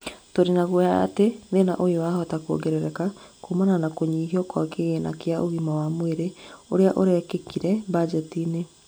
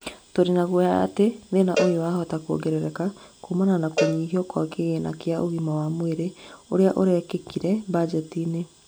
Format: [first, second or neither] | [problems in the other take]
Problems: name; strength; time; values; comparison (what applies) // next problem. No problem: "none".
first | background sound (Cowbell); 8 dB below the speech